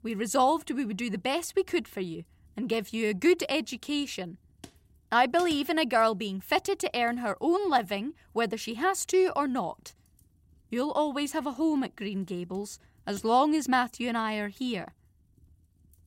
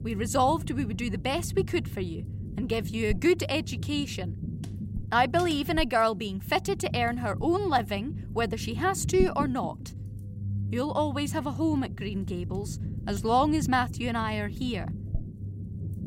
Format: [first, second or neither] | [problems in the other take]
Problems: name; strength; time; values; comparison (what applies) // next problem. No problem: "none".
first | low rumble; noticeable; throughout; 20 dB below the speech